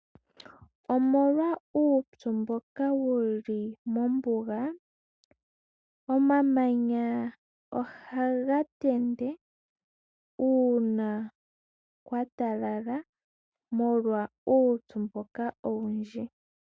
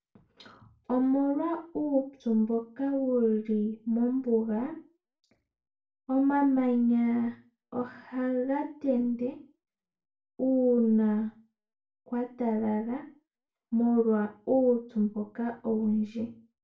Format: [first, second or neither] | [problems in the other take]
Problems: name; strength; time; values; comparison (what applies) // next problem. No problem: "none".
first | room echo; dies away in 0.3 s